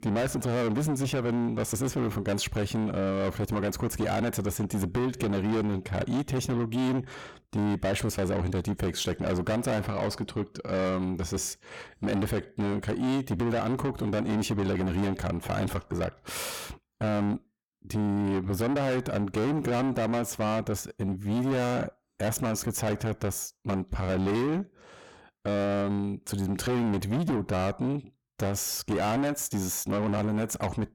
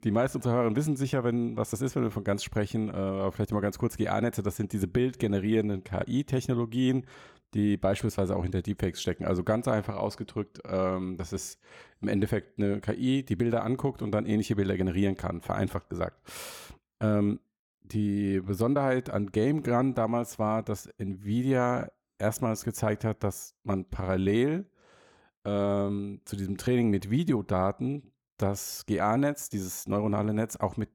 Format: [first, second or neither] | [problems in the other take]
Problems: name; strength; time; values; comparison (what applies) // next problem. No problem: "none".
second | distortion; heavy; 6 dB below the speech